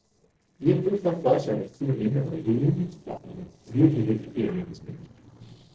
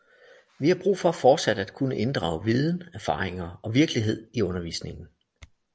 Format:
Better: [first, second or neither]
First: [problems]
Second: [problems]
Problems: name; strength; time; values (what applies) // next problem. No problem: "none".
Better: second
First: noise reduction (neural separator model SepFormer DNS4)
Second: none